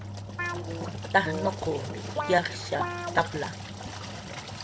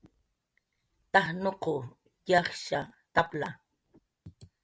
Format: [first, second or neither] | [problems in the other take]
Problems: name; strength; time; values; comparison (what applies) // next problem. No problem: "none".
second | background sound (Engine + Guitar); 3 dB below the speech